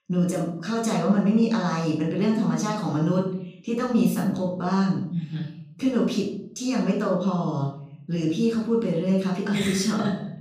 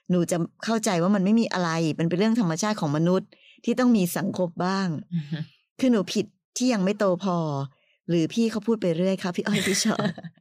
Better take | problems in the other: second | off-mic speech; far // room echo; noticeable; dies away in 0.6 s

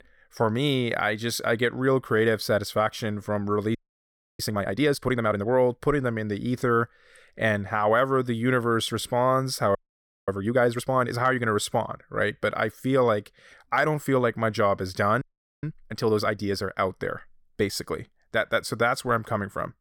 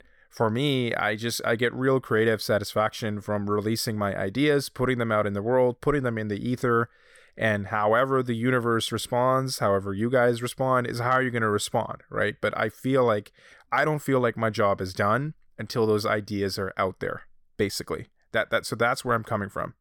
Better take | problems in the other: second | audio freezing; at 4 s for 0.5 s, at 10 s for 0.5 s and at 15 s

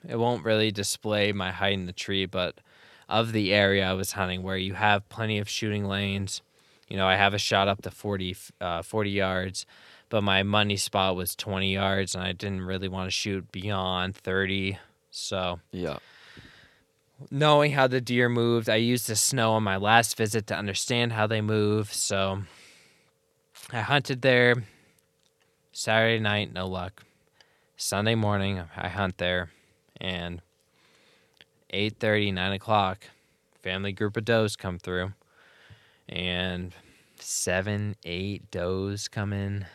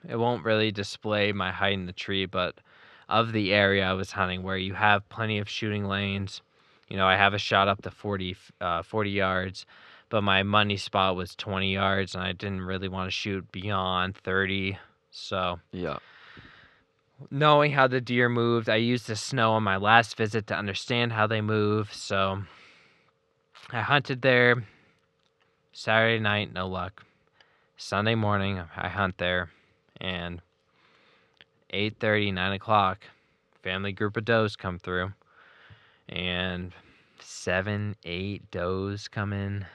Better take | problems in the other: first | muffled; slightly; fading above 3.5 kHz

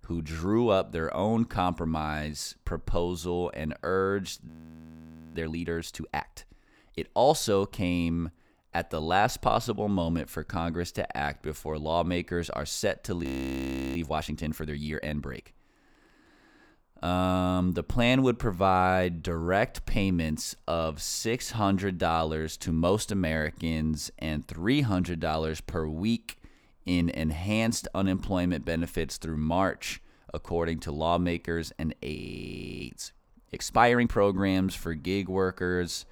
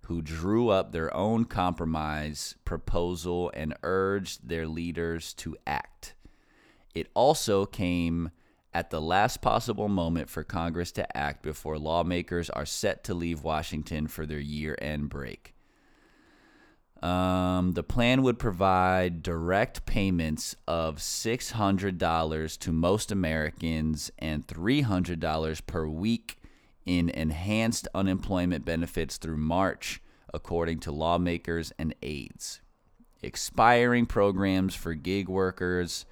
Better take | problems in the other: second | audio freezing; at 4.5 s for 1 s, at 13 s for 0.5 s and at 32 s for 0.5 s

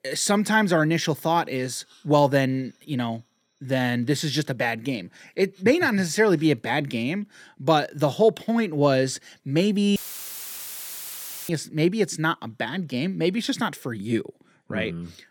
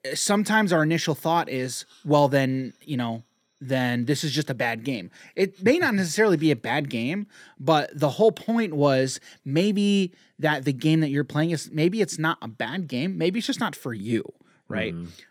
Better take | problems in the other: second | audio cutting out; filled with static; at 10 s for 1.5 s

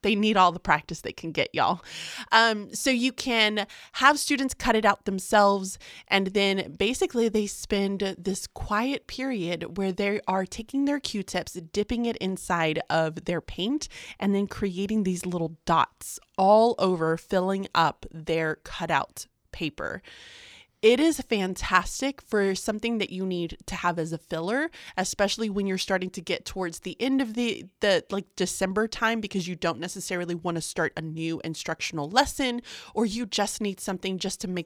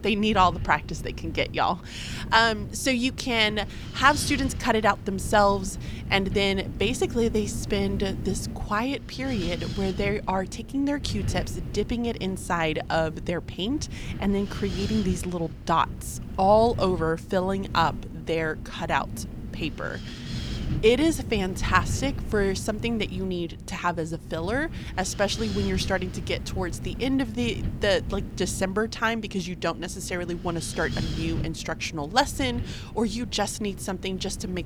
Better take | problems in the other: first | wind noise on the microphone; occasional gusts; 15 dB below the speech

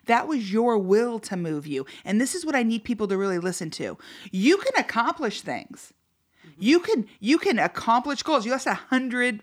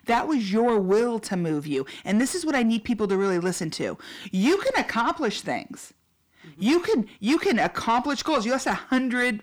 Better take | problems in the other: first | distortion; slight; 10 dB below the speech

